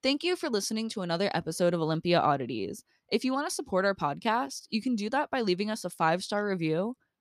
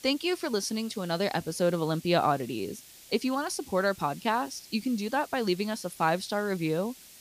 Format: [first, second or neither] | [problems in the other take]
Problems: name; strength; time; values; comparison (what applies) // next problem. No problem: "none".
first | hiss; noticeable; throughout; 20 dB below the speech